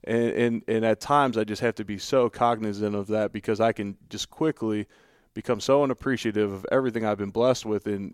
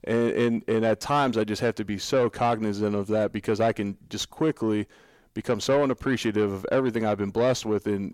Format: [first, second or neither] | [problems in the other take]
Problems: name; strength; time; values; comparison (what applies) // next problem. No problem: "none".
first | distortion; slight; 10 dB below the speech